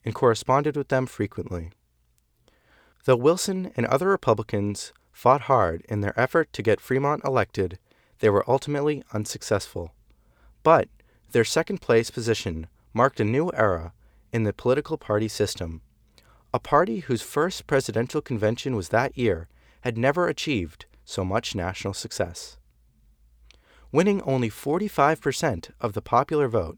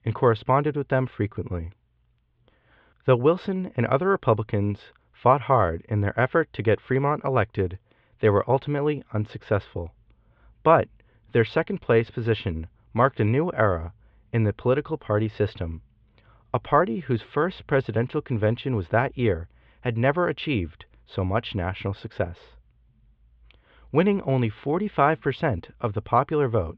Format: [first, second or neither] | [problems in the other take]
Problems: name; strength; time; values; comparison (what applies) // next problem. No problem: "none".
first | muffled; very; fading above 3.5 kHz